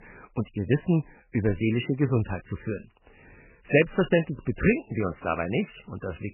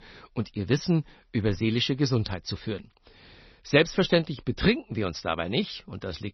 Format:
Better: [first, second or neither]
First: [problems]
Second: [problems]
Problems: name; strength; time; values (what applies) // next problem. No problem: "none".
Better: second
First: garbled, watery; badly; nothing above 3 kHz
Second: garbled, watery; slightly; nothing above 6 kHz